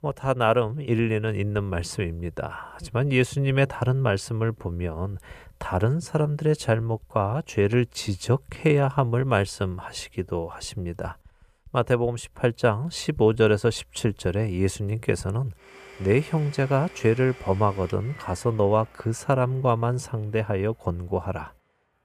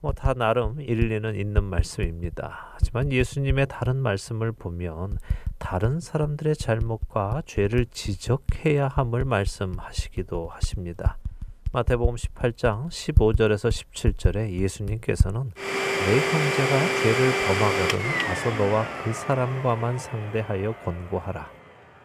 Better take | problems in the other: first | household noises; loud; throughout; 2 dB below the speech; faint in the first

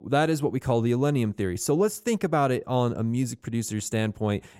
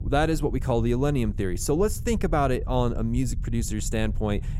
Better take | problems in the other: first | low rumble; faint; throughout; 20 dB below the speech

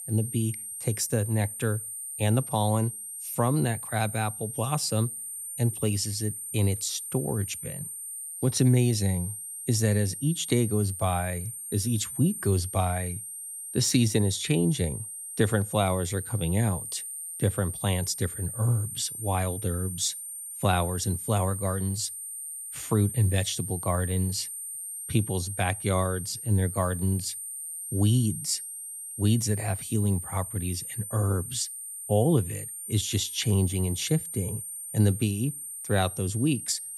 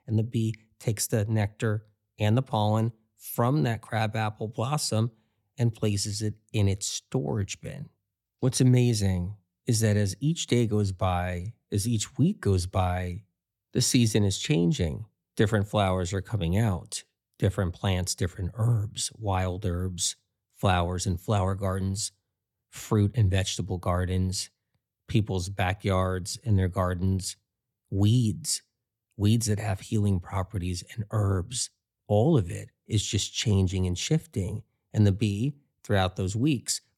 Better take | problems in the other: second | high-pitched whine; loud; throughout; 9 kHz, 7 dB below the speech

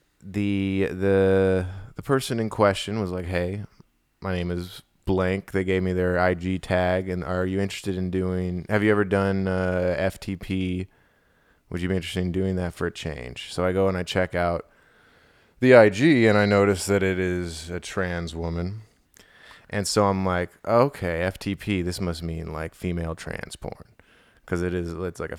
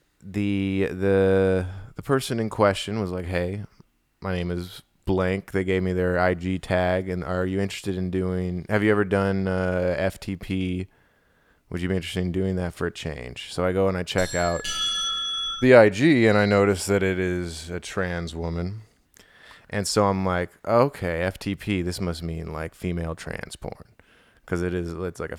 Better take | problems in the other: first | doorbell; loud; from 14 to 16 s; peak 1 dB above the speech

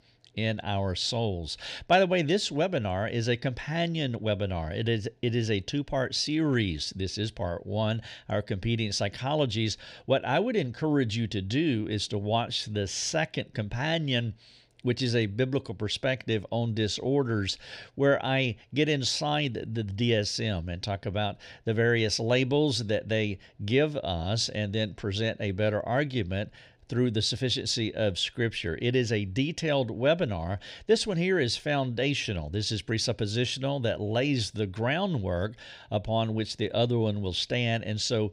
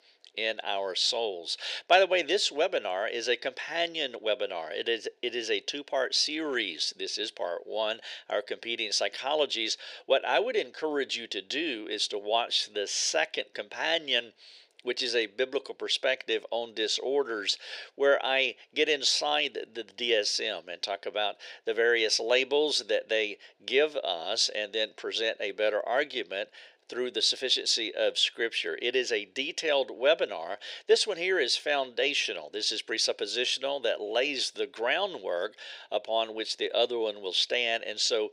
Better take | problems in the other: first | thin; very; fading below 400 Hz

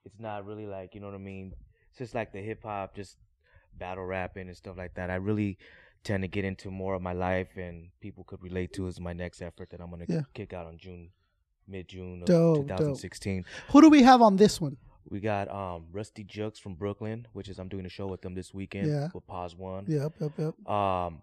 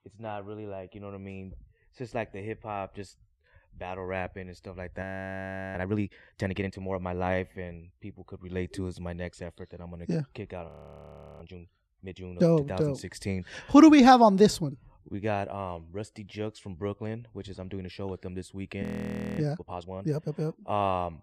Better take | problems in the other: first | audio freezing; at 5 s for 0.5 s, at 11 s for 0.5 s and at 19 s for 0.5 s

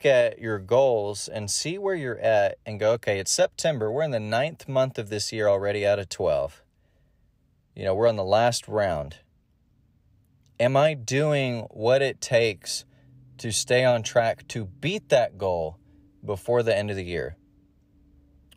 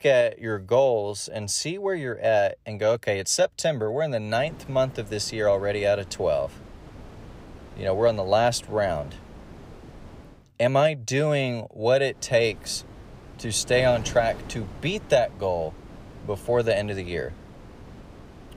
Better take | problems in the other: first | wind noise on the microphone; occasional gusts; from 4.5 to 10 s and from 12 s on; 25 dB below the speech

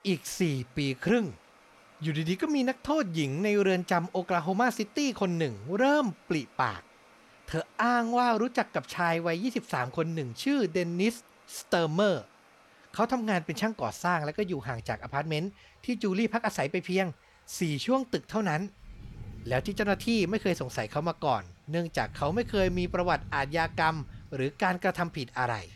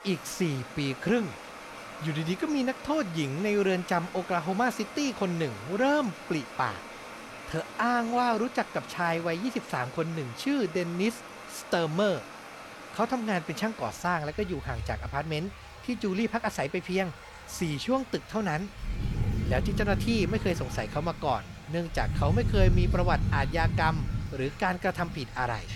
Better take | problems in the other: first | rain or running water; loud; throughout; 7 dB below the speech; faint in the first

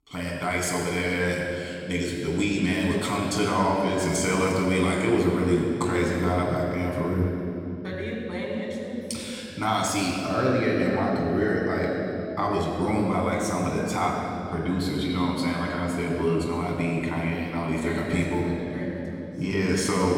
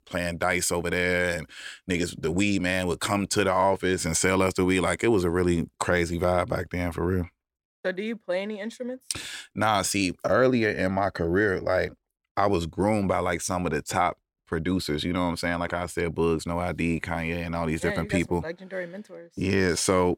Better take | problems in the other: second | off-mic speech; far // room echo; noticeable; dies away in 3 s

